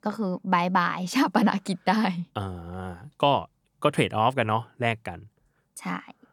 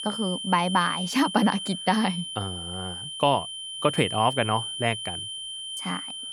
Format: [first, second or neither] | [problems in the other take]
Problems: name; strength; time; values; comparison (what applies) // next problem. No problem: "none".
first | high-pitched whine; loud; throughout; 3 kHz, 6 dB below the speech